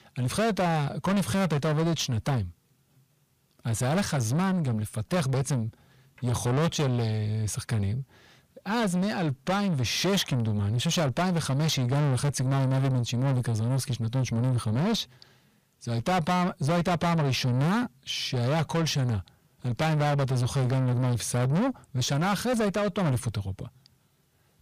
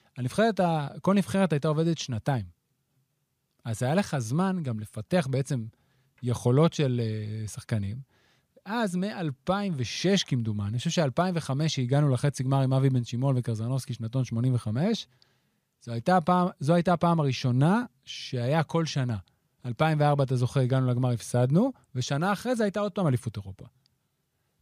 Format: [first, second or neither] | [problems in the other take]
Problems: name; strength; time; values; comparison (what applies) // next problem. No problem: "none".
second | distortion; heavy; 7 dB below the speech